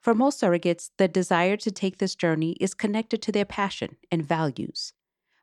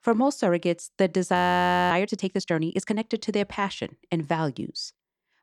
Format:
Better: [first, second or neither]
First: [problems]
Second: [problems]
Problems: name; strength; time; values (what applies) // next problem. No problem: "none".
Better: first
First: none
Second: audio freezing; at 1.5 s for 0.5 s